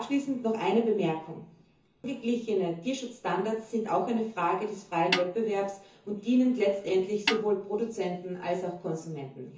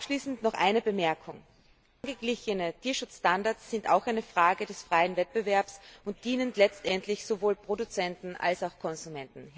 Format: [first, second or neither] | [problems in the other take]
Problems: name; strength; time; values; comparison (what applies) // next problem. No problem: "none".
second | background sound (Snare drum); 4 dB below the speech // room echo; dies away in 0.6 s